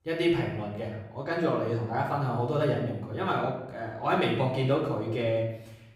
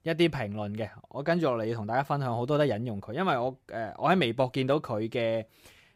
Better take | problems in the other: second | off-mic speech; far // room echo; noticeable; dies away in 0.7 s

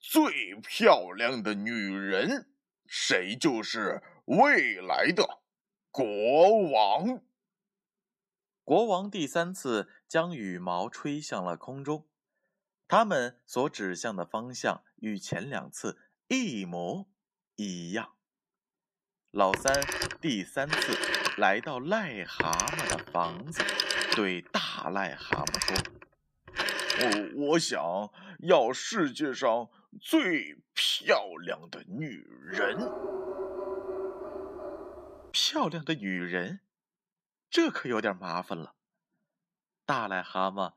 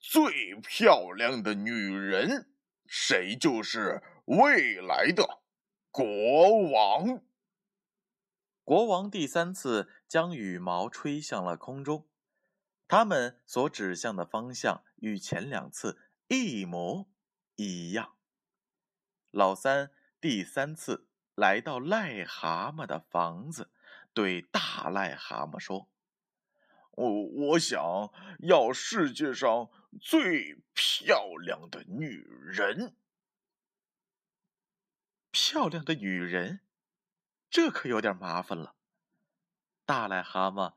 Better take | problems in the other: second | phone ringing; loud; from 20 to 27 s; peak 3 dB above the speech // dog barking; noticeable; from 33 to 35 s; peak 6 dB below the speech

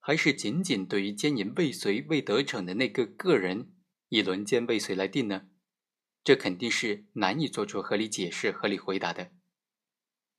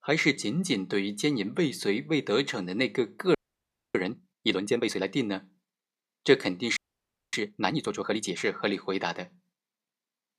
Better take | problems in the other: first | audio freezing; at 3.5 s for 0.5 s and at 7 s for 0.5 s

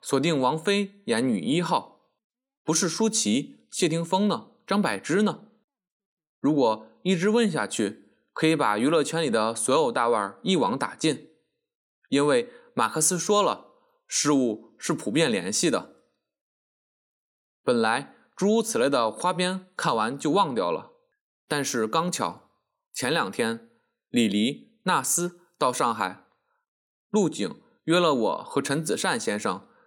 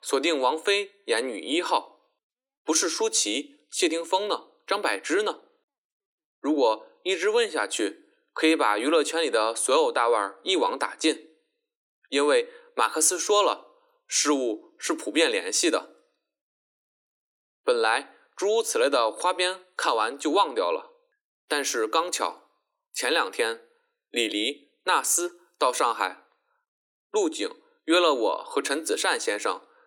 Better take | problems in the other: first | thin; somewhat; fading below 300 Hz

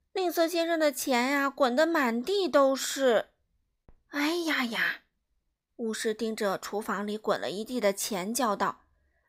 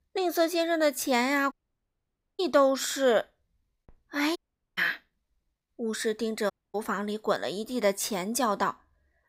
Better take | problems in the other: first | audio cutting out; at 1.5 s for 1 s, at 4.5 s and at 6.5 s

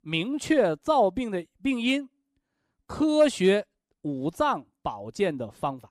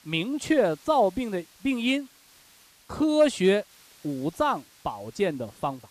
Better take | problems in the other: first | hiss; faint; throughout; 25 dB below the speech

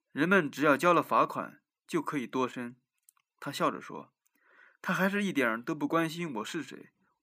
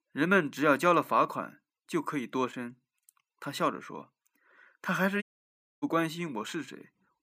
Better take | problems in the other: first | audio cutting out; at 5 s for 0.5 s

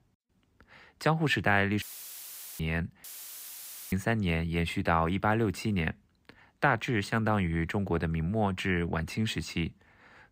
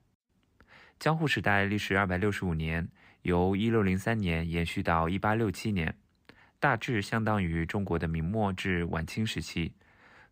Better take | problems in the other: second | audio cutting out; filled with static; at 2 s for 1 s and at 3 s for 1 s

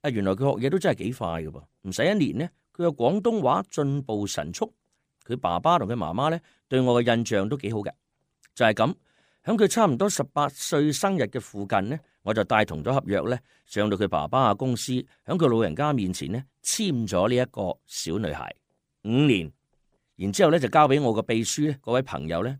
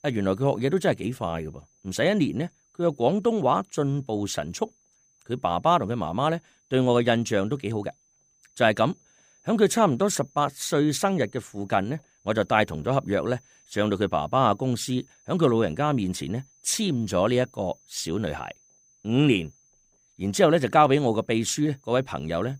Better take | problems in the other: first | high-pitched whine; faint; throughout; 6 kHz, 35 dB below the speech

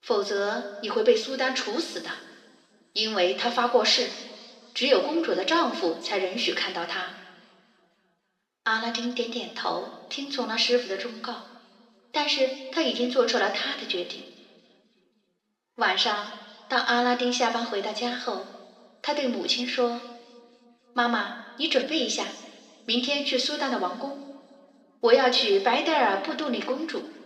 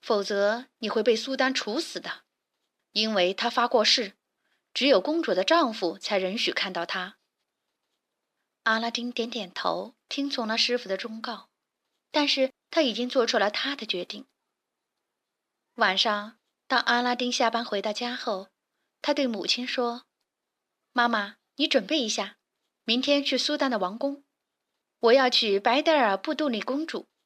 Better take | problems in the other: second | room echo; noticeable; dies away in 1.5 s // off-mic speech; somewhat distant

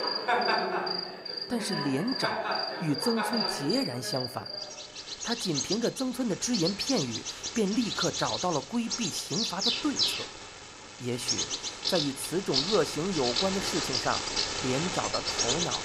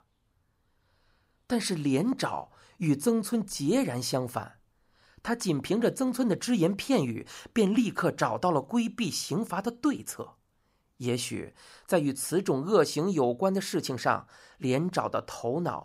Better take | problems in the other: second | animal sounds; very loud; throughout; 1 dB above the speech

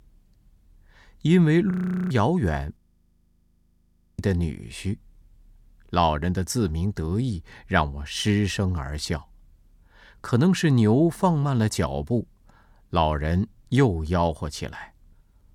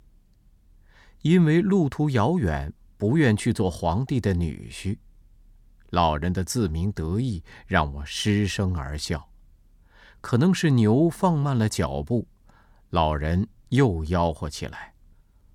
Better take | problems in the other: second | audio freezing; at 1.5 s and at 3 s for 1.5 s

